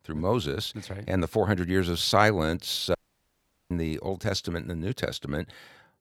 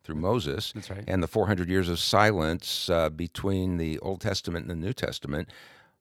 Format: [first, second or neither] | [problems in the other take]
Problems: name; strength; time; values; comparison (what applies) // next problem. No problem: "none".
second | audio cutting out; at 3 s for 1 s